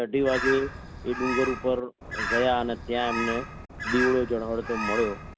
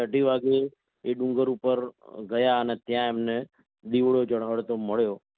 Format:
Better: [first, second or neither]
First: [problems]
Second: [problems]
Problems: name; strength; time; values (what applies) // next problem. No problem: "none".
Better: second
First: background sound (Bird); 5 dB below the speech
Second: none